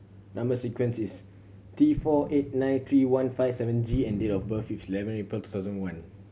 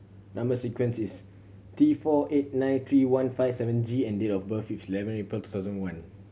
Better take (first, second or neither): second